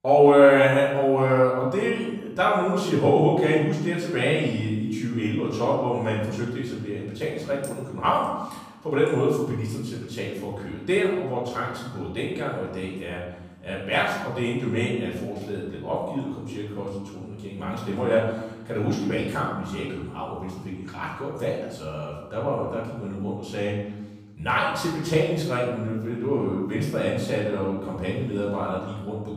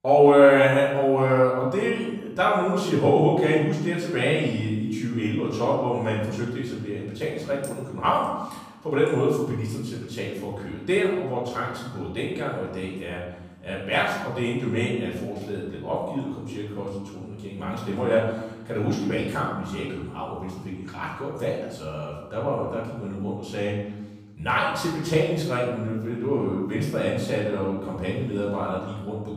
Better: neither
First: room echo; noticeable; dies away in 1 s // off-mic speech; far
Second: room echo; noticeable; dies away in 1 s // off-mic speech; far

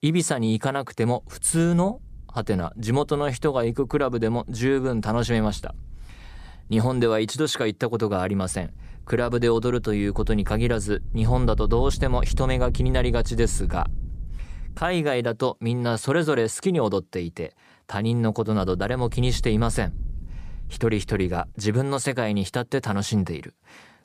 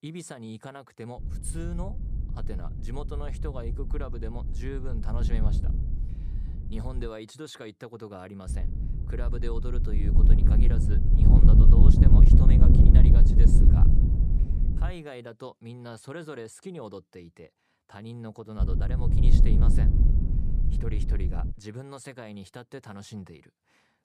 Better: first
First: wind noise on the microphone; occasional gusts; from 1 to 7 s, from 8.5 to 15 s and from 19 to 22 s; 25 dB below the speech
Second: wind noise on the microphone; heavy; from 1 to 7 s, from 8.5 to 15 s and from 19 to 22 s; 4 dB above the speech

